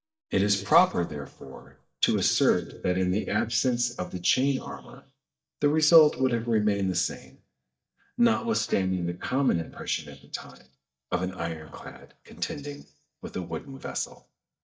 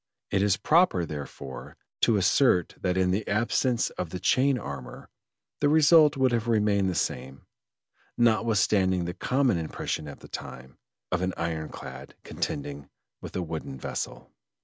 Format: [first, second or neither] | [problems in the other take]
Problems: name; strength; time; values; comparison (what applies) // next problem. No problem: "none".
second | noise reduction (neural mask model DeepFilterNet 3)